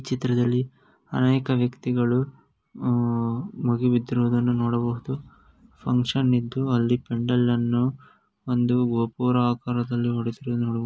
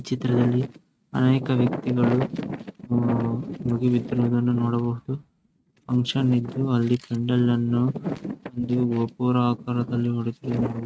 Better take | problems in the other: first | noise reduction (neural mask model RNNoise)

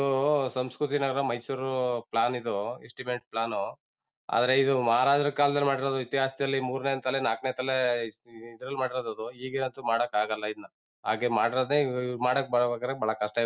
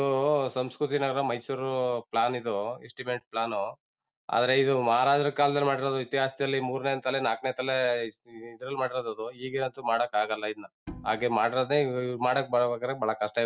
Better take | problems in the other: first | background sound (Bowed string instrument); 19 dB below the speech

